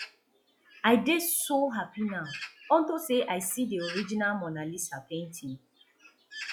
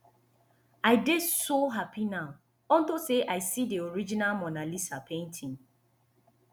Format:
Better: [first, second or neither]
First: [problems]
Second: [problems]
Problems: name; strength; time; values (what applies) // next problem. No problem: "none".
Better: second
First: noise reduction (classical method log-MMSE)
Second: none